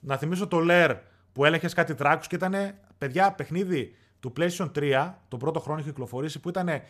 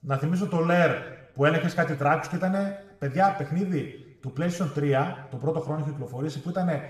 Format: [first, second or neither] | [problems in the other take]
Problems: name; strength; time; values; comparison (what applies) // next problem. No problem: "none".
first | room echo; noticeable; dies away in 0.8 s // off-mic speech; somewhat distant